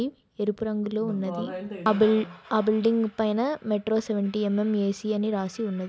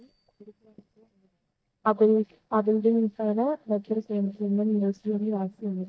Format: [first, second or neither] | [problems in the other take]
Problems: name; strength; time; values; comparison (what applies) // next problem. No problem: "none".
first | noise reduction (neural mask model DeepFilterNet 3)